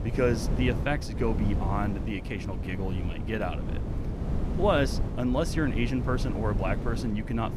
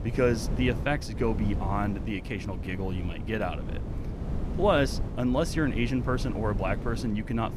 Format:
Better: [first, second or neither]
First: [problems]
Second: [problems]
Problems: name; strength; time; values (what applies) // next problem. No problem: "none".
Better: second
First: wind noise on the microphone; heavy; 9 dB below the speech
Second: wind noise on the microphone; occasional gusts; 10 dB below the speech